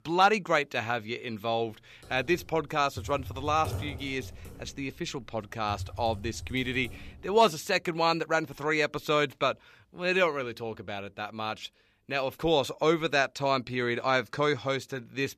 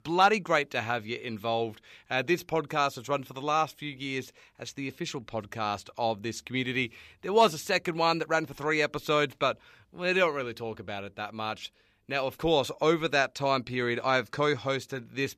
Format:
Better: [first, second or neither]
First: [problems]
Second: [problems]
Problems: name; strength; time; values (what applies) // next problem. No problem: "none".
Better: second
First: keyboard typing; noticeable; from 2 to 7 s; peak 7 dB below the speech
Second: none